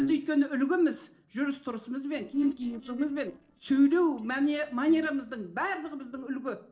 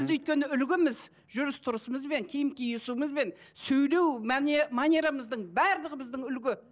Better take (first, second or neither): second